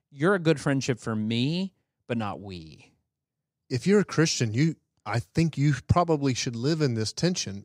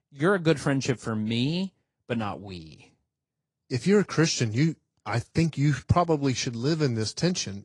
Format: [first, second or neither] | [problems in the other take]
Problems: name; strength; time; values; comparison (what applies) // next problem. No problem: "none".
first | garbled, watery; slightly; nothing above 10 kHz